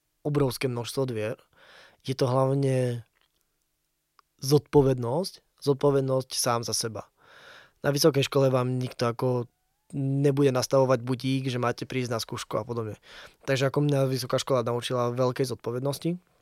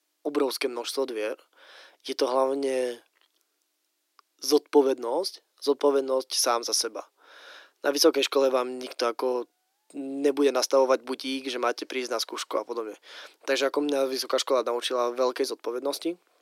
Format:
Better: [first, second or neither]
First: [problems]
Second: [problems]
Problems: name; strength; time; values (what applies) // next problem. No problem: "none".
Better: first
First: none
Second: thin; somewhat; fading below 300 Hz